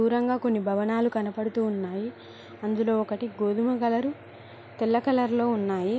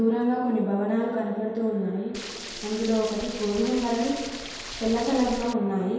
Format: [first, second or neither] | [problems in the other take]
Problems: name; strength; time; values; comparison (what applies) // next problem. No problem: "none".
first | background sound (Stream); 12 dB below the speech // room echo; dies away in 1.2 s